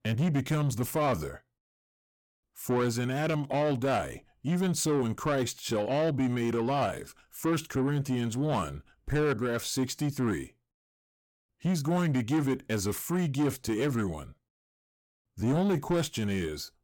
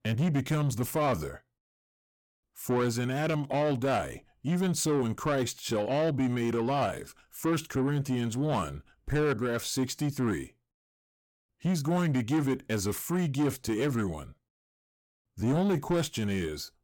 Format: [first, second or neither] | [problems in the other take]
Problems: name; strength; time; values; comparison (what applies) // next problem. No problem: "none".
neither | distortion; slight; 10 dB below the speech; the same in both